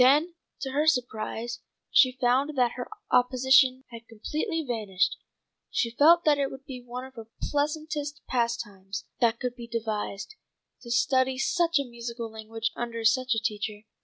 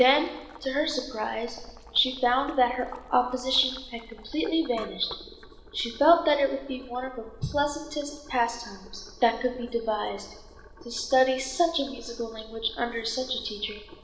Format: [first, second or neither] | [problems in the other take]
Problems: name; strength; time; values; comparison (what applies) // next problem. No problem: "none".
first | background sound (Boiling); 19 dB below the speech // room echo; dies away in 1.1 s